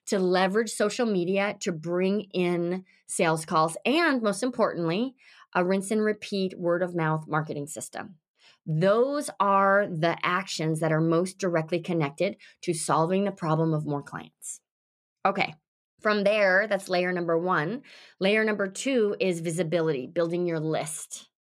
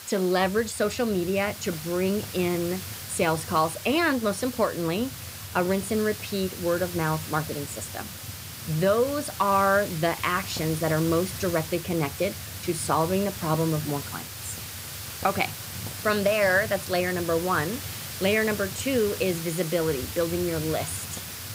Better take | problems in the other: first | hiss; loud; throughout; 9 dB below the speech

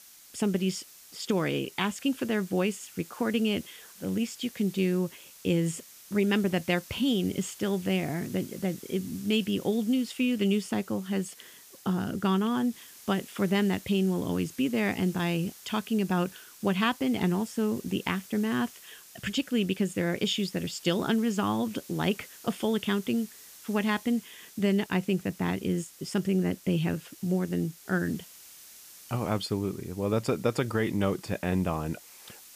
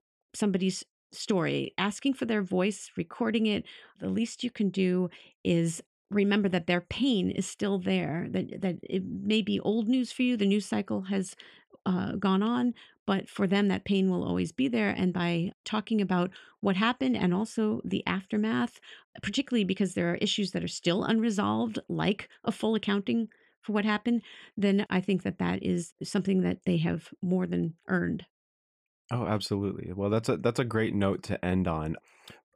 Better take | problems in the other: second | hiss; noticeable; throughout; 20 dB below the speech

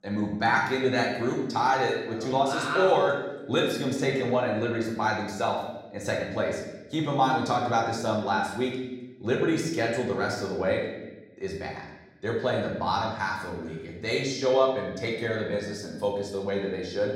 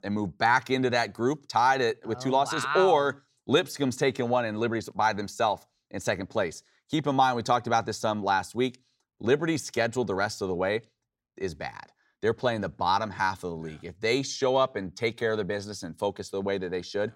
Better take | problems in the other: second | room echo; noticeable; dies away in 0.9 s // off-mic speech; far

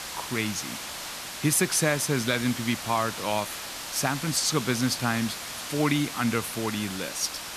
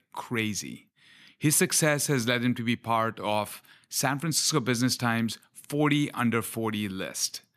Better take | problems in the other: second | hiss; loud; throughout; 7 dB below the speech

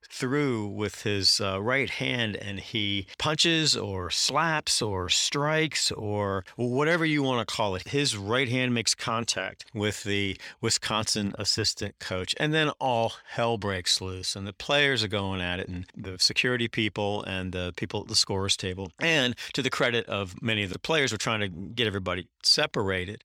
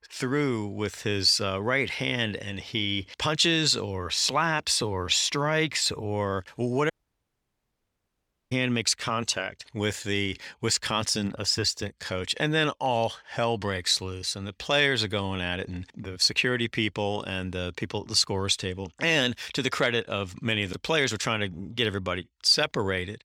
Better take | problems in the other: first | audio cutting out; at 7 s for 1.5 s

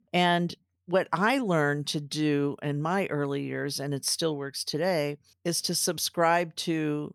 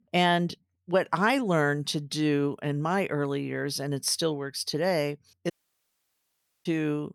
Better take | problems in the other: first | audio cutting out; at 5.5 s for 1 s

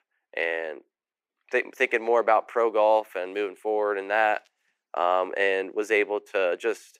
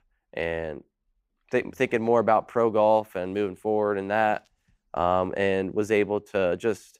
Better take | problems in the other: second | thin; somewhat; fading below 350 Hz

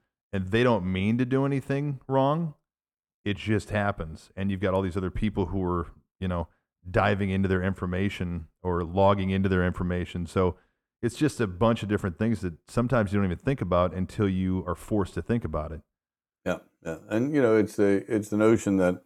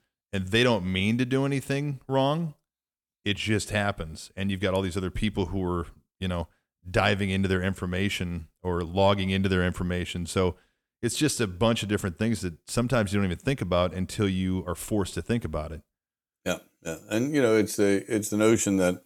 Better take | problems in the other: second | muffled; slightly; fading above 2.5 kHz

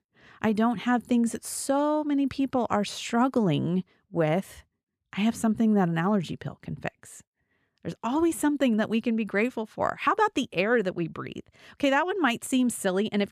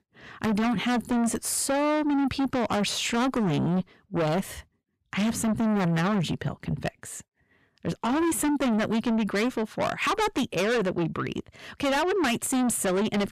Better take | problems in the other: first | distortion; heavy; 6 dB below the speech

